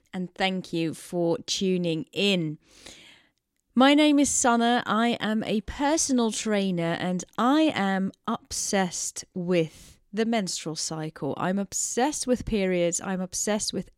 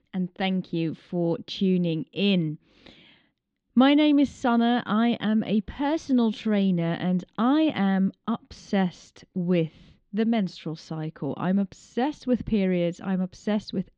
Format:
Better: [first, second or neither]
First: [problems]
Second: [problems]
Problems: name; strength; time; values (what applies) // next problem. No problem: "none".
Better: first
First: none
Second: muffled; slightly; fading above 3.5 kHz